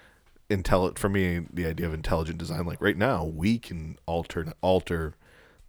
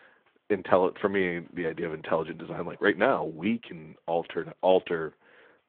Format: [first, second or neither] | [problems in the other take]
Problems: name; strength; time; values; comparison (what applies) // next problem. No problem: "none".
first | phone-call audio